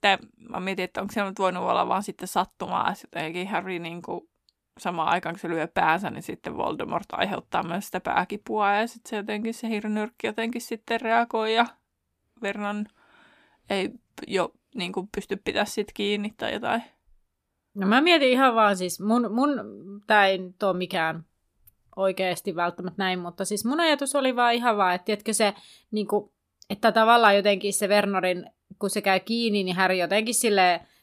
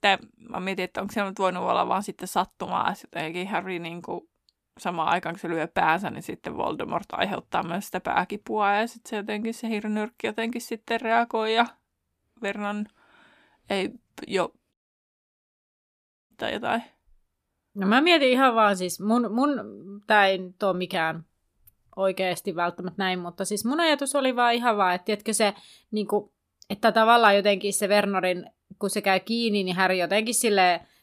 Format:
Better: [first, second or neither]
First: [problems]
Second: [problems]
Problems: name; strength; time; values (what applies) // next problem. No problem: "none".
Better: first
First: none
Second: audio cutting out; at 15 s for 1.5 s